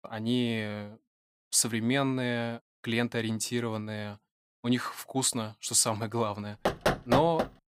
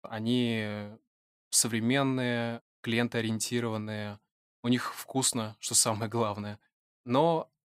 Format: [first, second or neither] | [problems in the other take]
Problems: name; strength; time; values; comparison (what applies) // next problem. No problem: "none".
second | door banging; loud; at 6.5 s; peak 2 dB above the speech